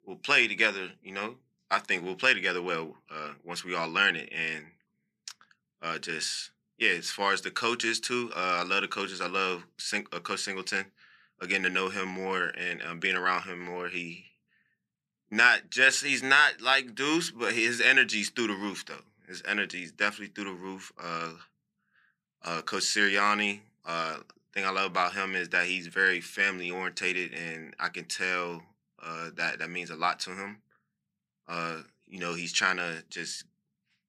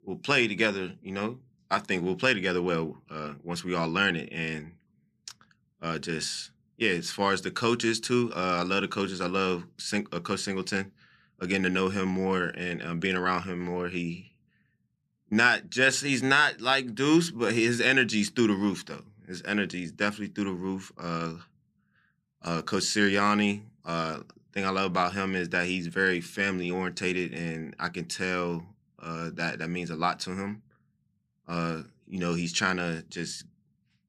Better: second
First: thin; somewhat; fading below 650 Hz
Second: none

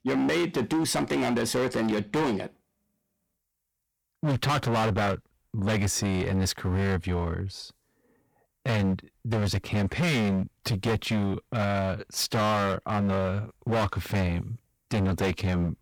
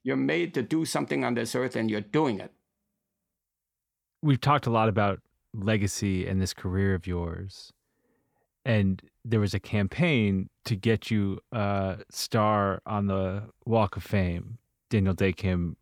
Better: second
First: distortion; heavy; 20% of the sound clipped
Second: none

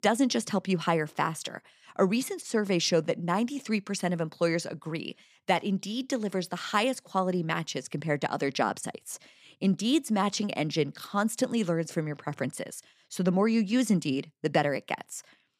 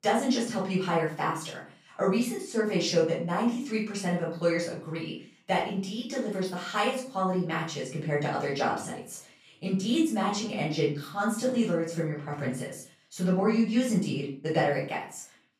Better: first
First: none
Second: off-mic speech; far // room echo; noticeable; dies away in 0.4 s

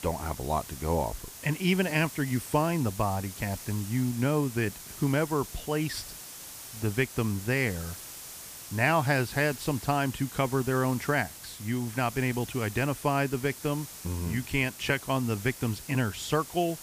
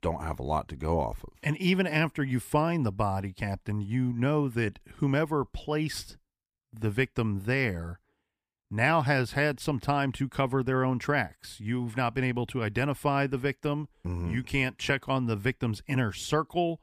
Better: second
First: hiss; noticeable; throughout; 10 dB below the speech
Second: none

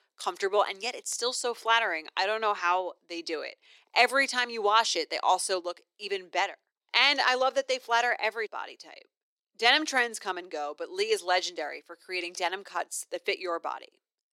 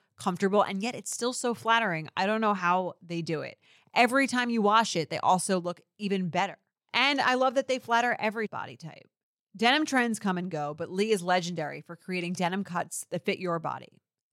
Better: second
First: thin; very; fading below 300 Hz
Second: none

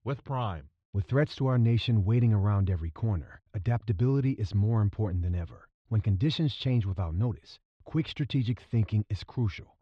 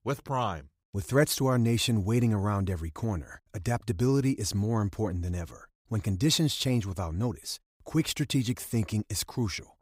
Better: second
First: muffled; slightly; fading above 3.5 kHz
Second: none

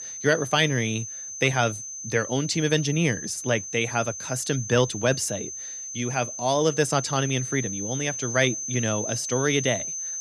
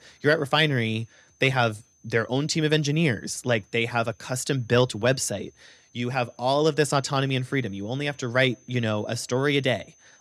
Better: second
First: high-pitched whine; loud; throughout; 6 kHz, 6 dB below the speech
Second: high-pitched whine; faint; throughout; 6 kHz, 35 dB below the speech

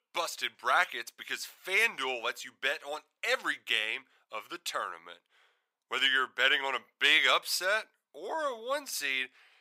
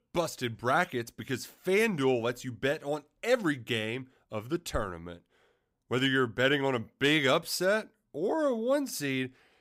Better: second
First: thin; very; fading below 800 Hz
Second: none

